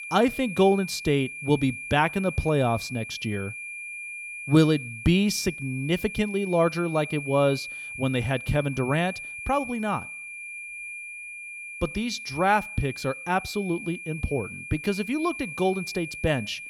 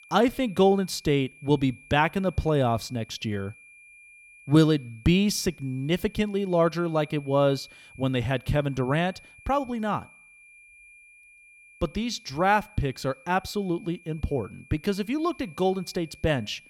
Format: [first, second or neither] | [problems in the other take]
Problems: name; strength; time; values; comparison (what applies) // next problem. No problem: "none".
second | high-pitched whine; loud; throughout; 2.5 kHz, 10 dB below the speech; faint in the second